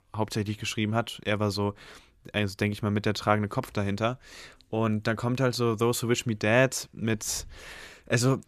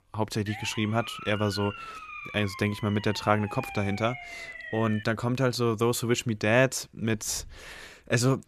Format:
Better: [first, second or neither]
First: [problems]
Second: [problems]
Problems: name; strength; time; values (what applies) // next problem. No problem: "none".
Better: first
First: none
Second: siren; faint; until 5 s; peak 10 dB below the speech